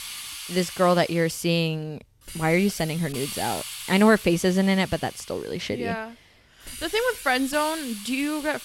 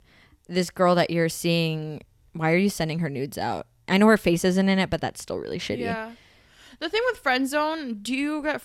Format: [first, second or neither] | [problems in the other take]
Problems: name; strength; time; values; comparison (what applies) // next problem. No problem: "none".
second | hiss; noticeable; throughout; 10 dB below the speech